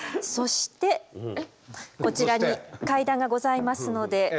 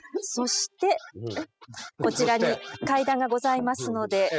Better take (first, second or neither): first